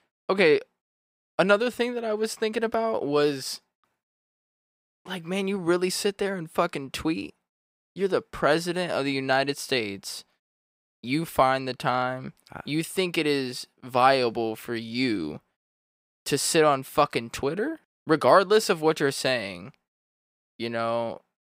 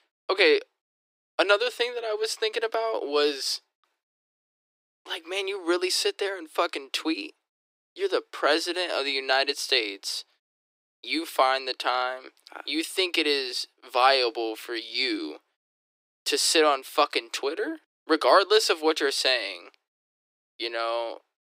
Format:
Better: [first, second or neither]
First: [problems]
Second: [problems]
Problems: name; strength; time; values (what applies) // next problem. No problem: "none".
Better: first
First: none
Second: thin; somewhat; fading below 300 Hz